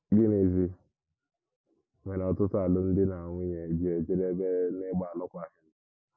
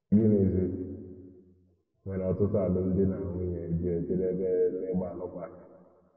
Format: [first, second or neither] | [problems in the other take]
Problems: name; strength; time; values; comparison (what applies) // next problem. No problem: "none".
first | room echo; dies away in 1.5 s